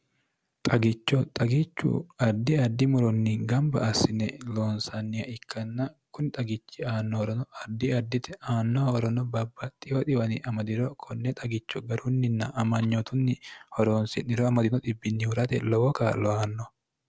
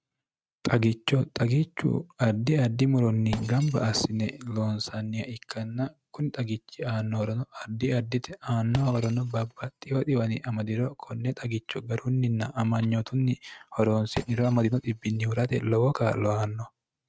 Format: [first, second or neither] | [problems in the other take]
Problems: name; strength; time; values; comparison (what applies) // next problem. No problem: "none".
first | noise reduction (neural mask model RNNoise)